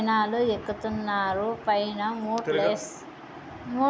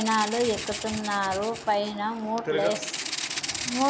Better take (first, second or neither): first